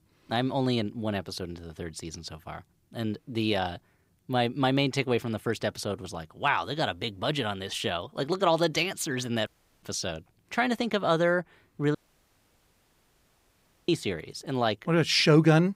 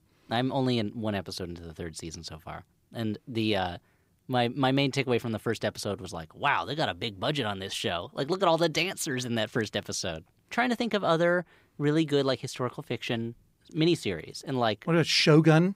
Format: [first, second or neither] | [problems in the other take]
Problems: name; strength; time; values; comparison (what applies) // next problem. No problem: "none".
second | audio cutting out; at 9.5 s and at 12 s for 2 s